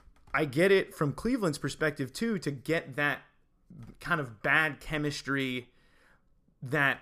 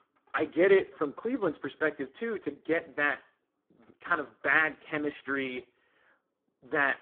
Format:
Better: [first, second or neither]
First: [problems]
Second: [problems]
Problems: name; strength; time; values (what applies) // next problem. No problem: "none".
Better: first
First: none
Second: phone-call audio; poor line